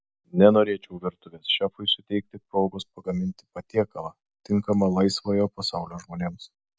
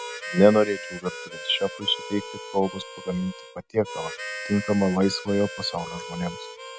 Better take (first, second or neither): first